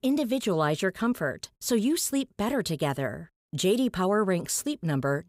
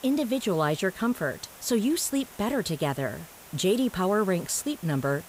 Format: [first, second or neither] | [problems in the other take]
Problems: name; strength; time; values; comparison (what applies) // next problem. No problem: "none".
first | hiss; noticeable; throughout; 20 dB below the speech